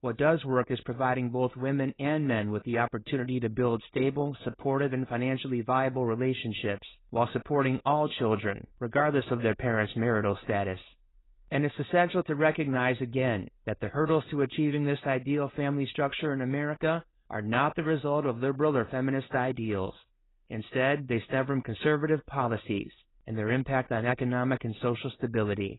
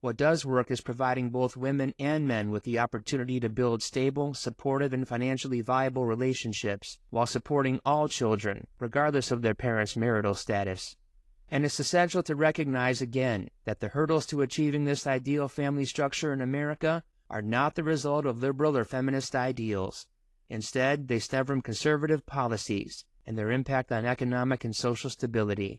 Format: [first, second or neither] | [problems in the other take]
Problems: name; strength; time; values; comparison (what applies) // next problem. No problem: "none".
second | garbled, watery; badly; nothing above 4 kHz; slightly in the second